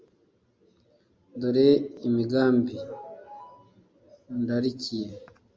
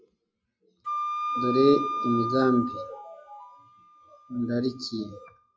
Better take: first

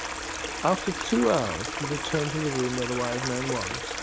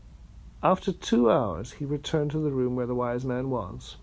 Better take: second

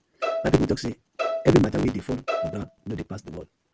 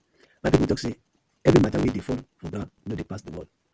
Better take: second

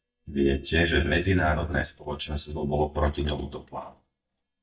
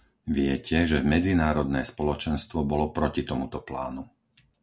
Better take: second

